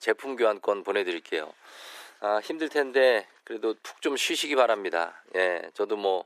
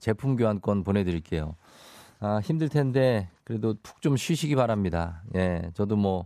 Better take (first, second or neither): second